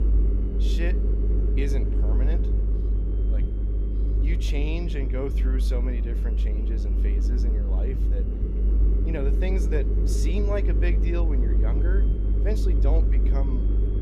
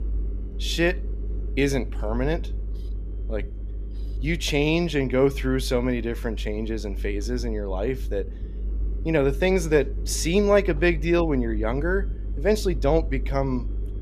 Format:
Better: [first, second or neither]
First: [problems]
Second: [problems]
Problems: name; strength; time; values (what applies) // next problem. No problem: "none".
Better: second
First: low rumble; loud; throughout; 3 dB below the speech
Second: low rumble; faint; throughout; 20 dB below the speech